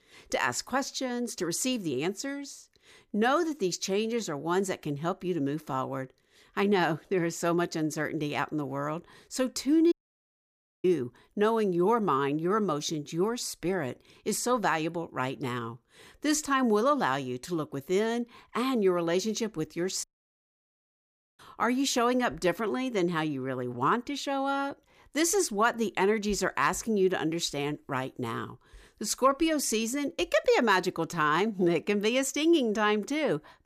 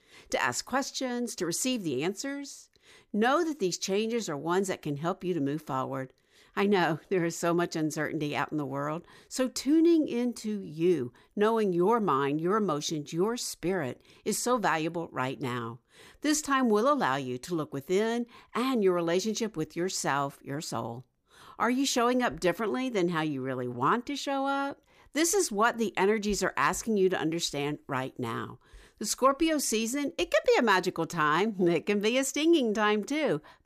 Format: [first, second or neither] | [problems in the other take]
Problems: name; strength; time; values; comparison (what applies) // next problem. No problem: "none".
second | audio cutting out; at 10 s for 1 s and at 20 s for 1.5 s